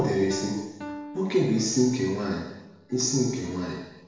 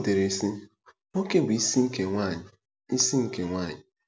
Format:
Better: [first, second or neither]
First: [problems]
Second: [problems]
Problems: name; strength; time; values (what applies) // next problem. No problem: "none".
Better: second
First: background sound (Piano); 16 dB below the speech // room echo; dies away in 0.9 s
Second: none